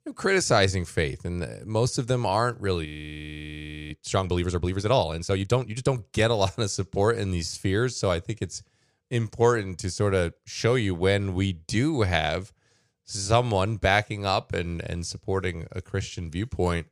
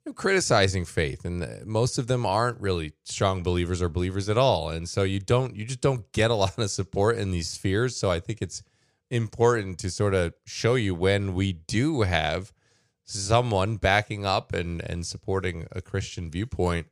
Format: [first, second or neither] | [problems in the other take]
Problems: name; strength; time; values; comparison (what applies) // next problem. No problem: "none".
second | audio freezing; at 3 s for 1 s